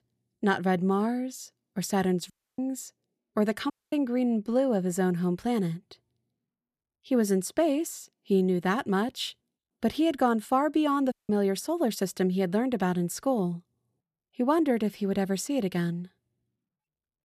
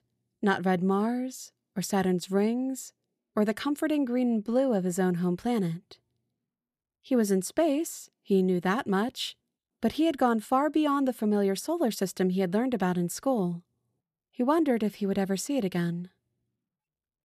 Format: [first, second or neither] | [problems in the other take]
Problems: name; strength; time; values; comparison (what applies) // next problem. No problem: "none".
second | audio cutting out; at 2.5 s, at 3.5 s and at 11 s